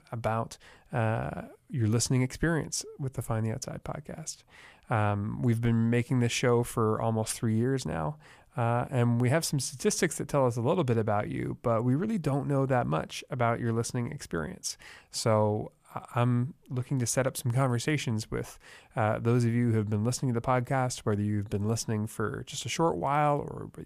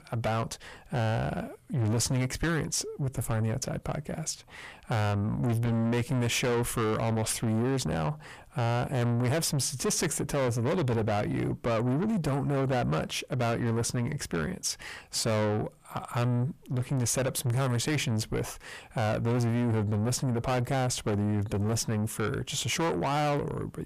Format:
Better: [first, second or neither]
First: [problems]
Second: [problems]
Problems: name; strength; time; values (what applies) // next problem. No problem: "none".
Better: first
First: none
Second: distortion; heavy; 6 dB below the speech